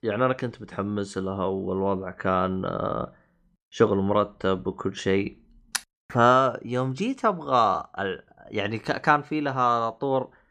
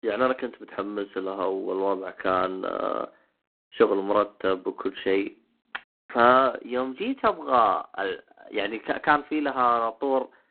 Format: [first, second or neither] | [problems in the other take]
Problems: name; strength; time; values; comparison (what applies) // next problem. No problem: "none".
first | phone-call audio; poor line; nothing above 4 kHz